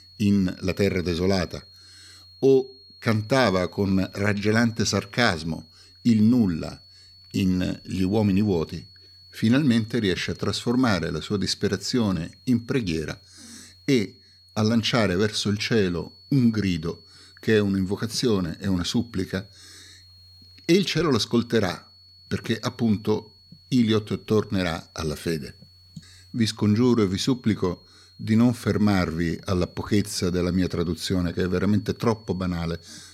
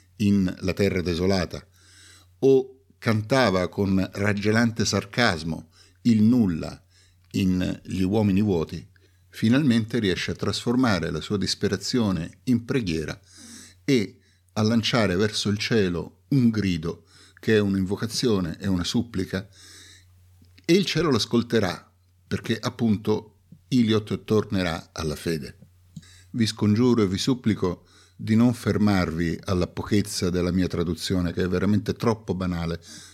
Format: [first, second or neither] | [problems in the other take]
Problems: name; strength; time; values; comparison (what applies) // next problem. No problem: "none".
second | high-pitched whine; faint; throughout; 4.5 kHz, 25 dB below the speech